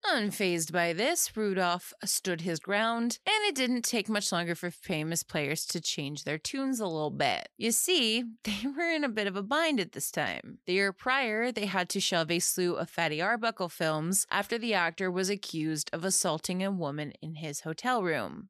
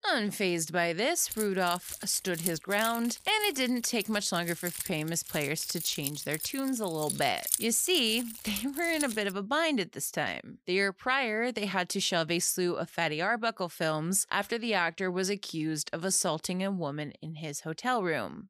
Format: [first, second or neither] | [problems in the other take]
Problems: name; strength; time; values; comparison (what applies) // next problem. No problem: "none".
first | jangling keys; loud; from 1.5 to 9 s; peak level with the speech